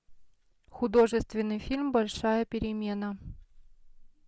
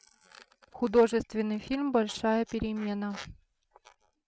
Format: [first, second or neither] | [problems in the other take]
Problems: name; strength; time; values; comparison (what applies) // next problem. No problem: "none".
first | noise reduction (neural mask model RNNoise)